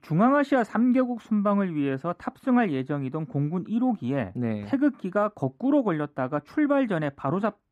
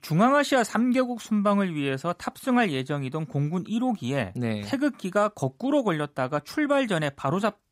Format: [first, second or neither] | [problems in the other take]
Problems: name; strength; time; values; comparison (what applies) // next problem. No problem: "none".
second | muffled; slightly; fading above 3 kHz